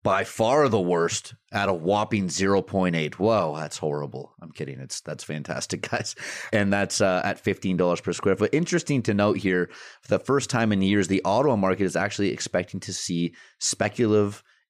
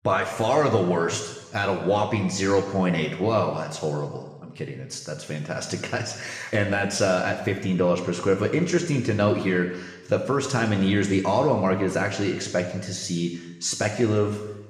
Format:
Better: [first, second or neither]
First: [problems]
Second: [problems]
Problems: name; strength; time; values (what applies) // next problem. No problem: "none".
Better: first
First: none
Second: room echo; noticeable; dies away in 1 s // off-mic speech; somewhat distant